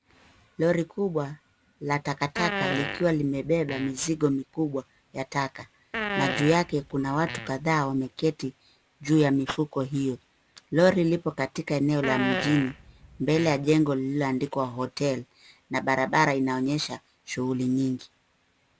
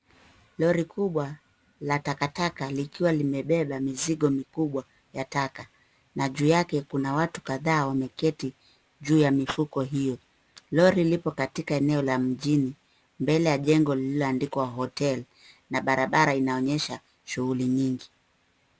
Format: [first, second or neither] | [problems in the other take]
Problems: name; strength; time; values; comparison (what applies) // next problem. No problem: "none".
second | background sound (Fart); 7 dB below the speech